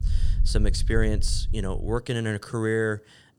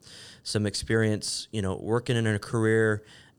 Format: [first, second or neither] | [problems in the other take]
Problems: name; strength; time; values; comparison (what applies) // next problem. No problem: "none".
second | low rumble; noticeable; until 2 s; 20 dB below the speech